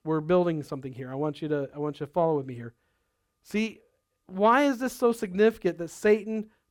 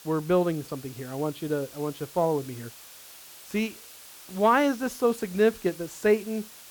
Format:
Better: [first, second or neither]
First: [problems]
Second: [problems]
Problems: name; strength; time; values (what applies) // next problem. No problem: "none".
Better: first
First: none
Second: hiss; noticeable; throughout; 20 dB below the speech